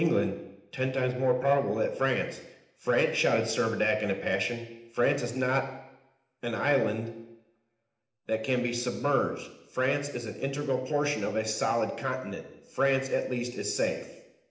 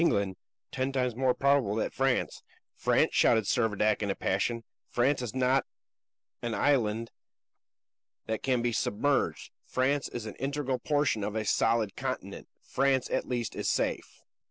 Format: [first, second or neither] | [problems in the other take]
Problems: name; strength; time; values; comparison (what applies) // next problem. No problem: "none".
second | room echo; dies away in 0.8 s